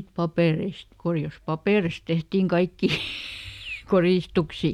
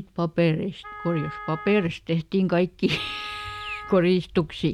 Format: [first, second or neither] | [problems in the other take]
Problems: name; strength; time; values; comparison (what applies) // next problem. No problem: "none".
first | background sound (Wind instrument, woodwind instrument); 16 dB below the speech